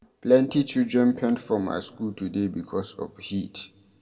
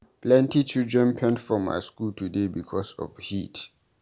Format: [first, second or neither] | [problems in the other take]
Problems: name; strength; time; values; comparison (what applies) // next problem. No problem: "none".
second | room echo; dies away in 1.5 s